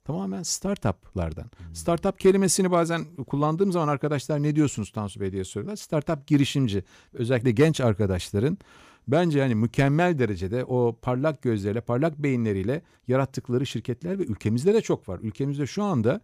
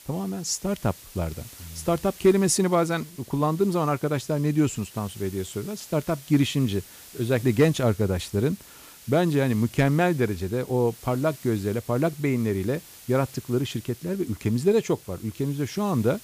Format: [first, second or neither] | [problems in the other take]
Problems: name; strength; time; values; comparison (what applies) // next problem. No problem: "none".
first | hiss; noticeable; throughout; 20 dB below the speech